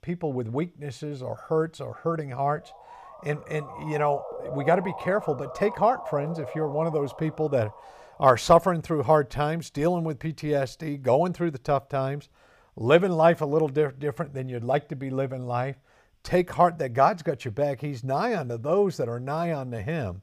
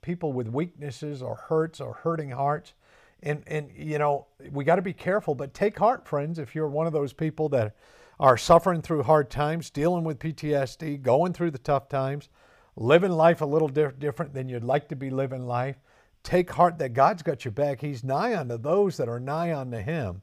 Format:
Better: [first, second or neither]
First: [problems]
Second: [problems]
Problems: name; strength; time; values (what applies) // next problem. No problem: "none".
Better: second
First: siren; noticeable; from 2.5 to 8 s; peak 9 dB below the speech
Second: none